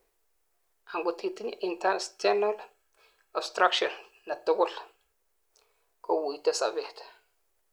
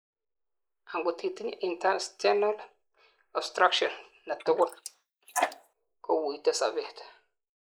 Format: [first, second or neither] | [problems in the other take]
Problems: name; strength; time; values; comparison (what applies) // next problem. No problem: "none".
first | noise reduction (neural mask model Resemble Enhance denoiser)